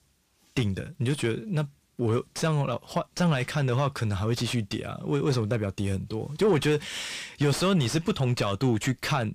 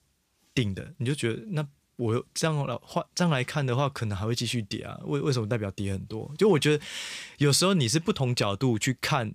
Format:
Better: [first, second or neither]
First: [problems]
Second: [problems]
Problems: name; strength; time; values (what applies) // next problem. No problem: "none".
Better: second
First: distortion; slight; 10 dB below the speech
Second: none